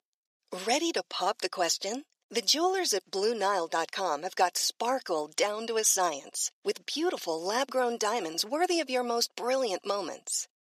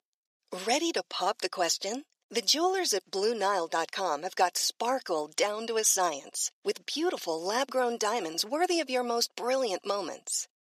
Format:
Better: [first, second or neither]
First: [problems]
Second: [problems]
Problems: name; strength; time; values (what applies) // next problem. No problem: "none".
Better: neither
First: thin; somewhat; fading below 350 Hz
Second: thin; somewhat; fading below 350 Hz